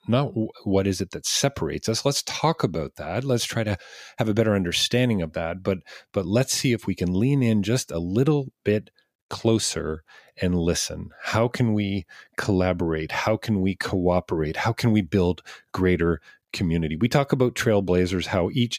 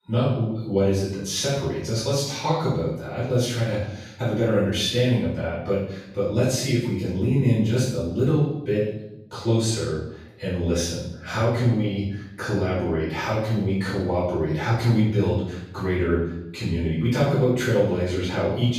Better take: first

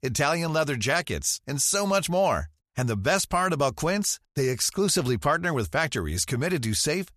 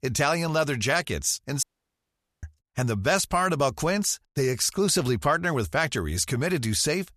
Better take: first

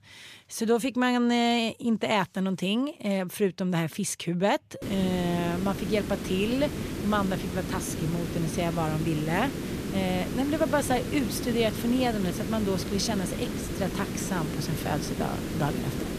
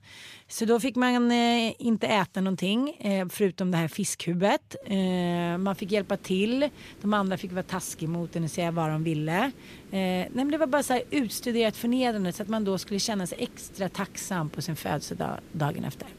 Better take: second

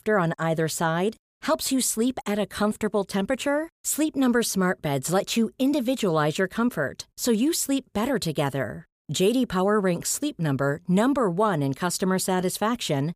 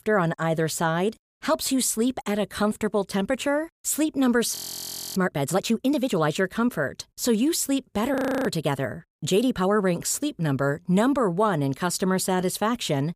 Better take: first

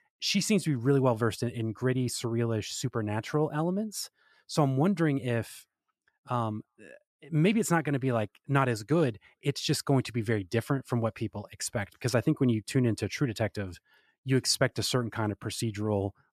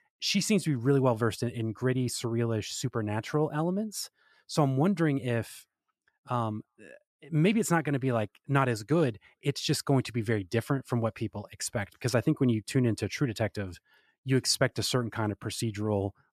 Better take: neither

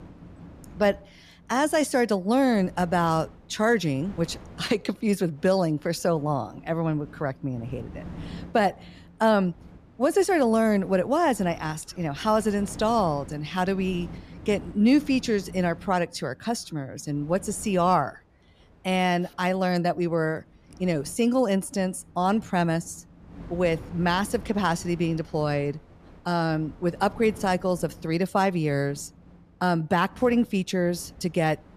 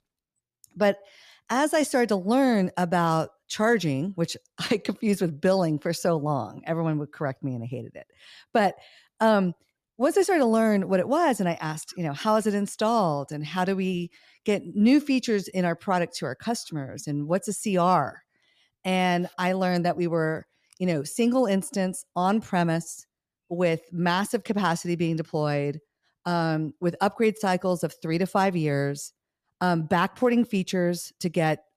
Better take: second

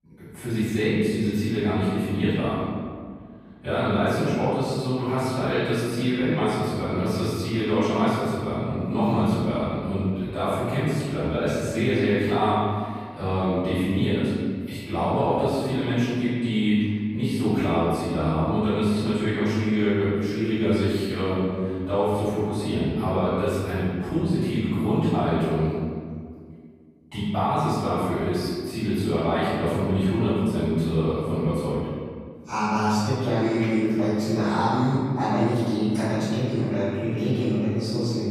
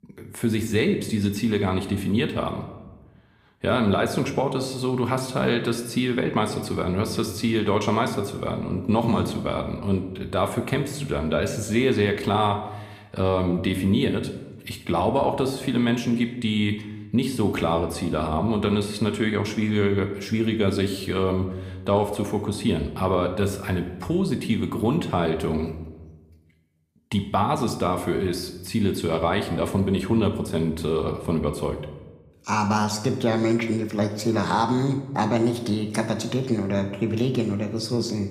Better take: second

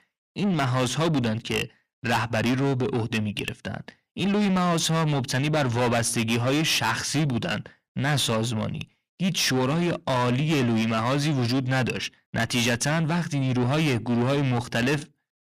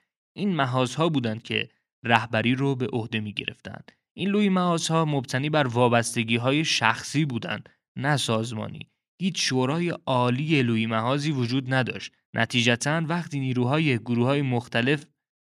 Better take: second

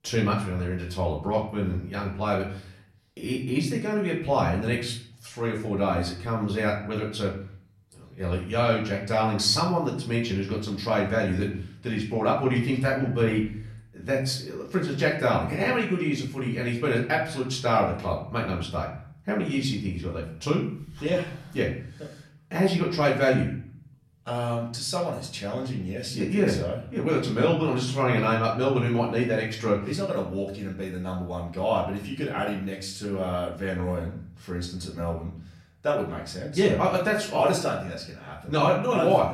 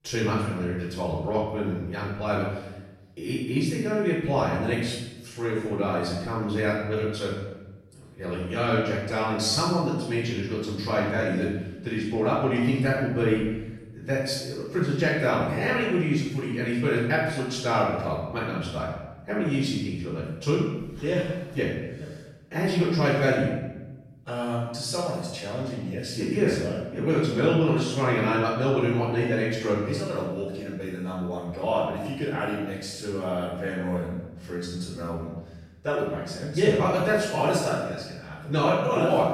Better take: first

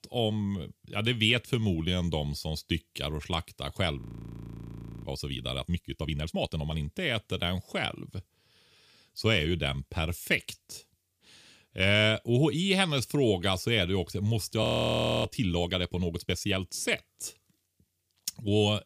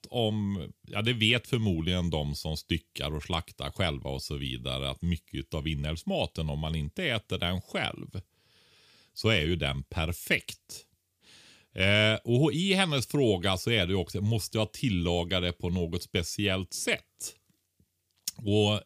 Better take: second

